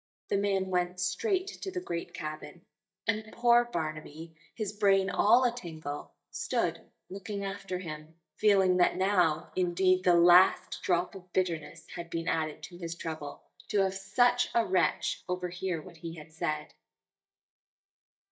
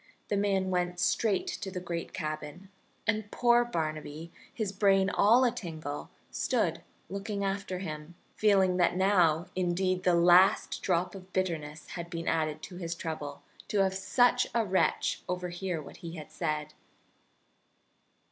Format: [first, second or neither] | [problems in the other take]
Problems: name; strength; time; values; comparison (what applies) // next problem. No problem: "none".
second | noise reduction (neural mask model DeepFilterNet 3)